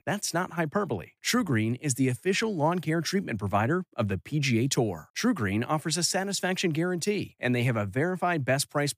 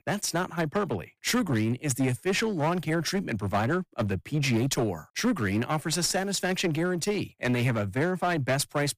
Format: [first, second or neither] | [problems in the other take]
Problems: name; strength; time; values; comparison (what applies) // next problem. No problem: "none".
first | distortion; slight; 12% of the sound clipped